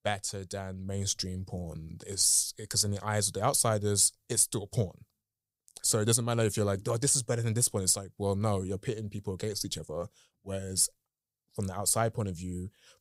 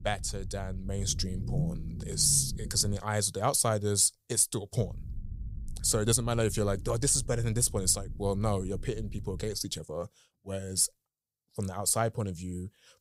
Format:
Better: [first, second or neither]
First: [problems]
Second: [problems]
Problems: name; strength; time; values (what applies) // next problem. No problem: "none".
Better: first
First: none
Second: low rumble; faint; until 3 s and from 5 to 9.5 s; 20 dB below the speech